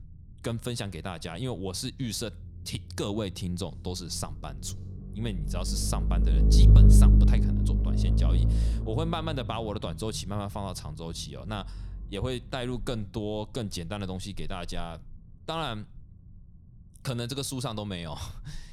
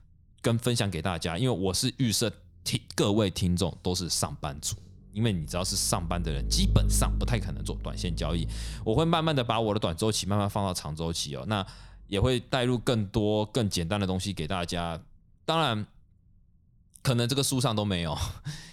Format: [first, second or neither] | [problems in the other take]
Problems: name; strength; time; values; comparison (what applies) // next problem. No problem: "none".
second | low rumble; loud; throughout; 3 dB below the speech; faint in the second